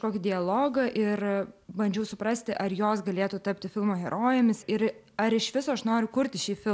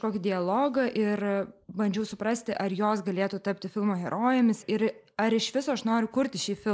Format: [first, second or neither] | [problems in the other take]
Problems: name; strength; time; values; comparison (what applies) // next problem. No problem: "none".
first | noise reduction (neural mask model Resemble Enhance denoiser)